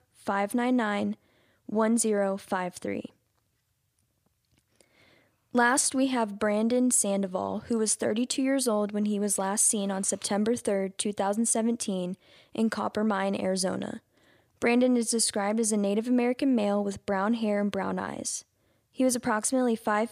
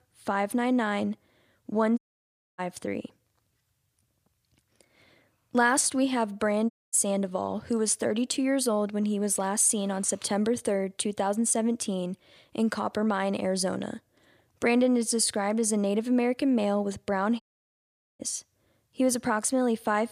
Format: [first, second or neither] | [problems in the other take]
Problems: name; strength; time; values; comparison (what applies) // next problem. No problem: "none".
first | audio cutting out; at 2 s for 0.5 s, at 6.5 s and at 17 s for 1 s